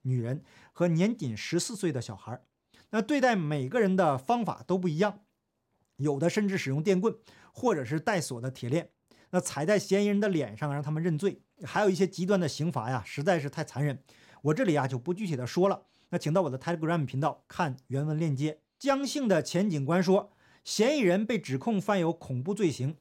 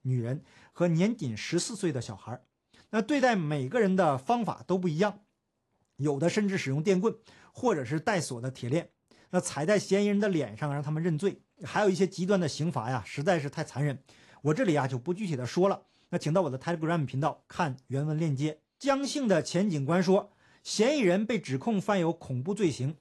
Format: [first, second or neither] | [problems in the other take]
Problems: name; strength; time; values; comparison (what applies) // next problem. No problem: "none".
first | garbled, watery; slightly